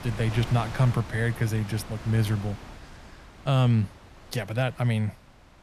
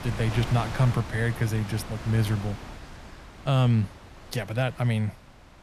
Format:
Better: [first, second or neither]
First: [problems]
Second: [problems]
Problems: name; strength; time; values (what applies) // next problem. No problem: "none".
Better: first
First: wind noise on the microphone; occasional gusts; 10 dB below the speech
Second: wind noise on the microphone; heavy; 8 dB below the speech